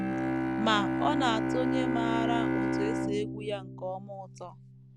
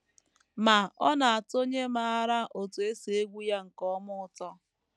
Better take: second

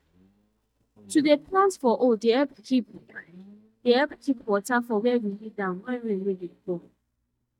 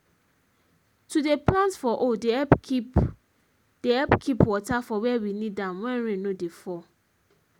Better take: second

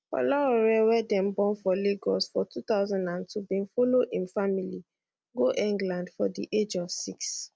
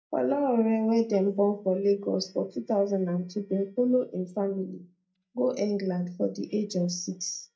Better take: first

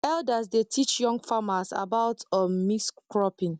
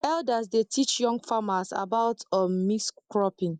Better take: first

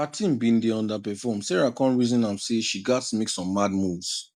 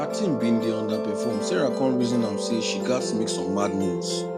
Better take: first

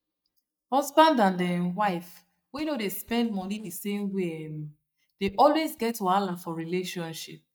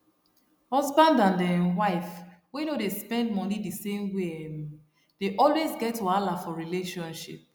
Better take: second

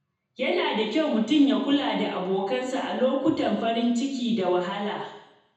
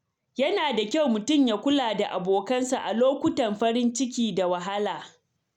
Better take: second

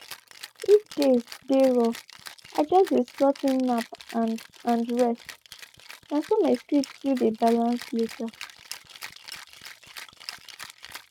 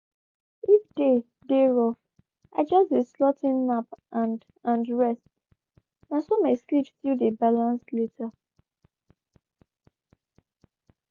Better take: second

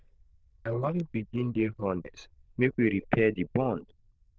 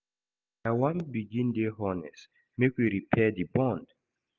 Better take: second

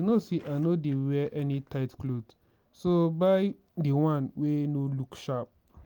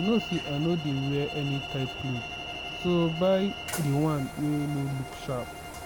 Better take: first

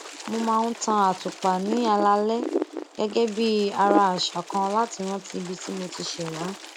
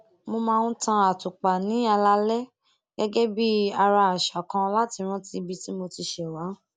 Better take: second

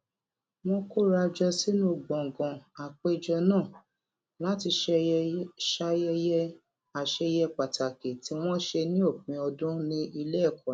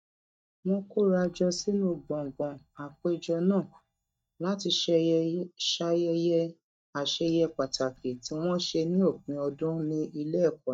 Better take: first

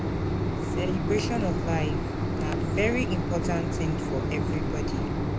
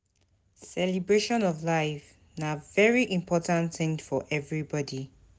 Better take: second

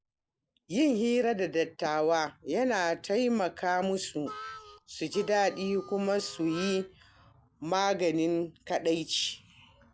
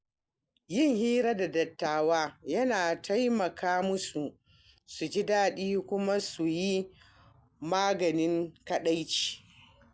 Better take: second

